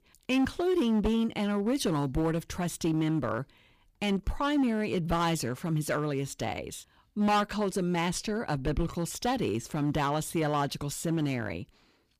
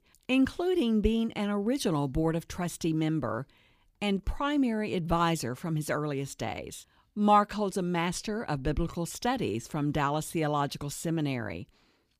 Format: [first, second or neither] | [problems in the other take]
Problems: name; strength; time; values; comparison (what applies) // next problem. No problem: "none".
second | distortion; slight; 7% of the sound clipped